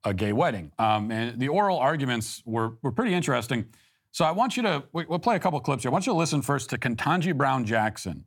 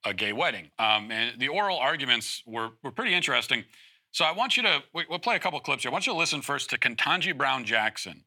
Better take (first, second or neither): first